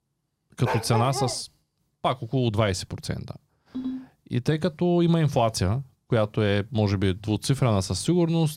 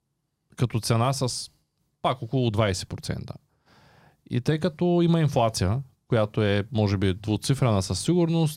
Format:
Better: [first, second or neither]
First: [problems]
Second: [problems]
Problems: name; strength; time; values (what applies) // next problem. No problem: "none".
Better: second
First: dog barking; noticeable; at 0.5 s; peak 4 dB below the speech // phone ringing; noticeable; at 3.5 s; peak 8 dB below the speech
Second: none